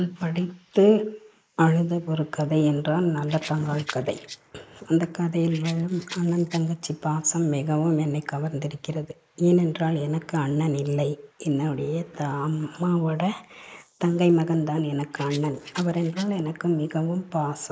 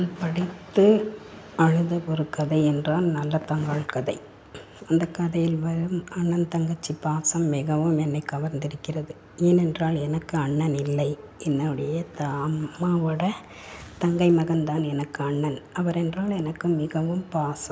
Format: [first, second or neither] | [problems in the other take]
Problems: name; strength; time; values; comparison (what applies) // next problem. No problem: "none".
second | noise reduction (neural mask model Resemble Enhance denoiser)